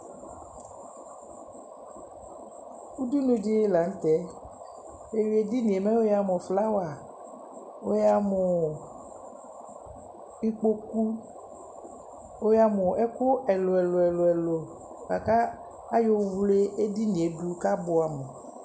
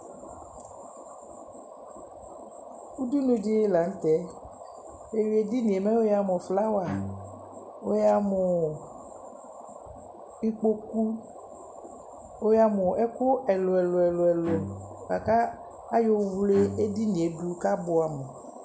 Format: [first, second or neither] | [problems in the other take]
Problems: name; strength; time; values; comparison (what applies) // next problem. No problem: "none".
first | background sound (Bowed string instrument); 12 dB below the speech